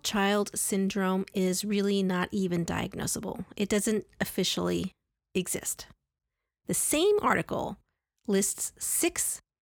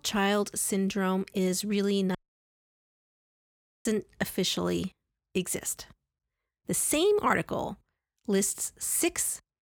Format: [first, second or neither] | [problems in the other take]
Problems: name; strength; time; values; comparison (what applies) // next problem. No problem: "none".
first | audio cutting out; at 2 s for 1.5 s